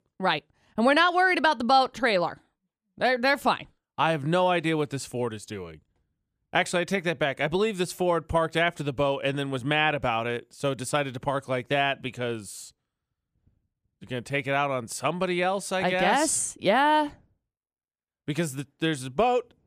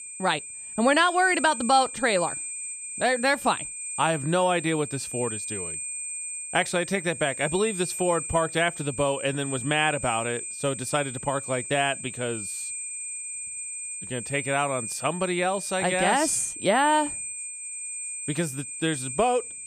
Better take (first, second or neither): first